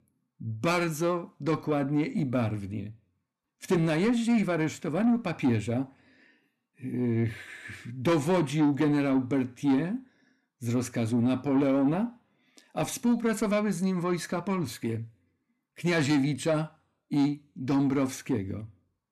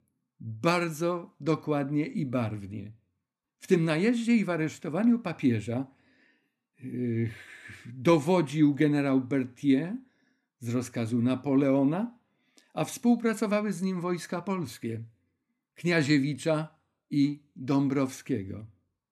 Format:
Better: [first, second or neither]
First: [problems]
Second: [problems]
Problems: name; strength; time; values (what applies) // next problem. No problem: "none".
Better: second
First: distortion; slight; 10 dB below the speech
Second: none